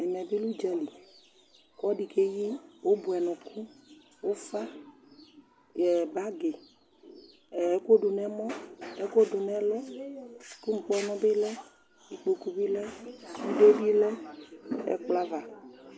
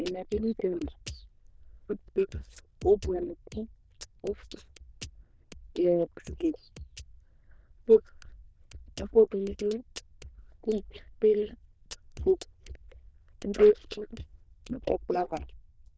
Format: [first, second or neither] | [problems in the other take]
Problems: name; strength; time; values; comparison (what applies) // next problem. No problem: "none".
first | noise reduction (neural diffusion model UNIVERSE++)